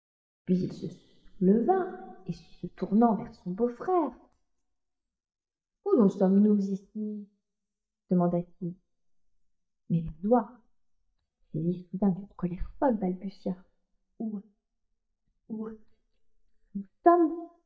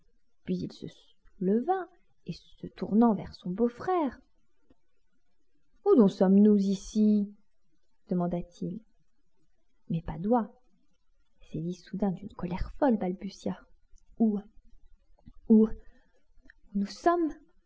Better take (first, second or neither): second